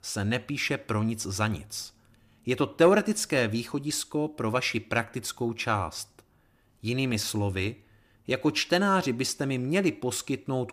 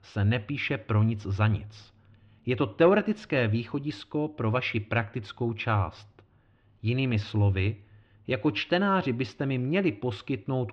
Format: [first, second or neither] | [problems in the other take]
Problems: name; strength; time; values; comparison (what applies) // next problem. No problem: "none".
first | muffled; slightly; fading above 3.5 kHz